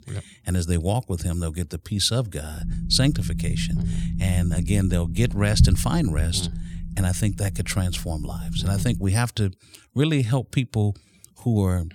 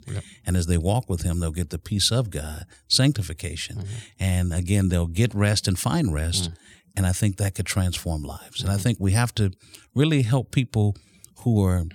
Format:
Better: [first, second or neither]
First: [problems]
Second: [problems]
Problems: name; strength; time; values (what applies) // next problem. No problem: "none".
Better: second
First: low rumble; noticeable; from 2.5 to 9 s; 10 dB below the speech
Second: none